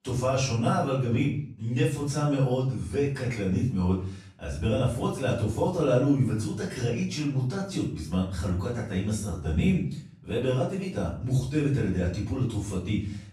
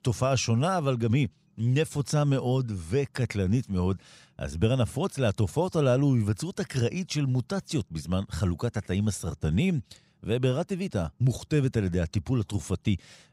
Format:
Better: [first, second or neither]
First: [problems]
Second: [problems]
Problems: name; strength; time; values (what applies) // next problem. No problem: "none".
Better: second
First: off-mic speech; far // room echo; noticeable; dies away in 0.4 s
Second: none